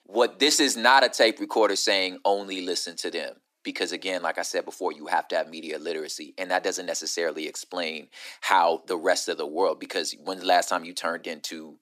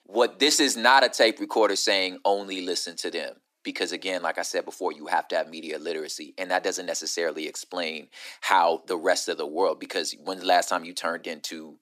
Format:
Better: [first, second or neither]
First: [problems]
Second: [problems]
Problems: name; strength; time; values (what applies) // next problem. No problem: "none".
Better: neither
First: thin; very; fading below 300 Hz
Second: thin; very; fading below 300 Hz